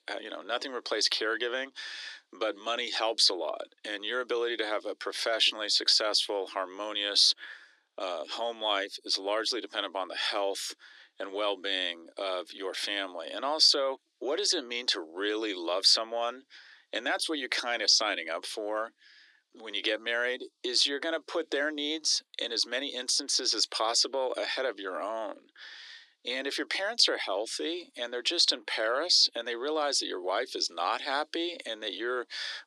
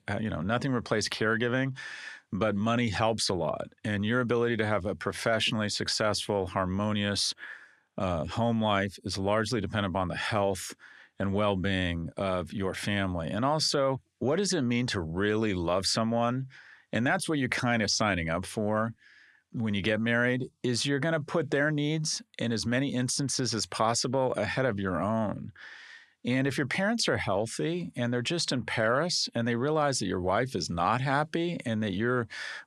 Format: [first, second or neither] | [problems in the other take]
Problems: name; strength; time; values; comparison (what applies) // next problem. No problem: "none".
second | thin; very; fading below 300 Hz